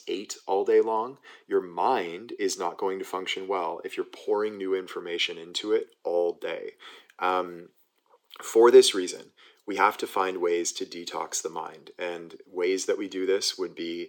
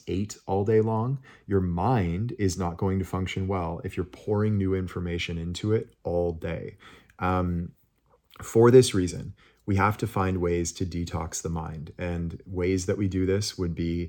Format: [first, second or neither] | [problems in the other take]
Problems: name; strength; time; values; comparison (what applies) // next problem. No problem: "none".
second | thin; very; fading below 350 Hz